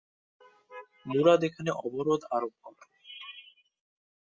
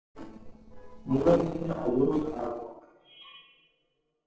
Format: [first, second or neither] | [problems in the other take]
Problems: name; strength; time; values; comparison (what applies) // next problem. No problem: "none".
first | noise reduction (neural separator model SepFormer DNS4)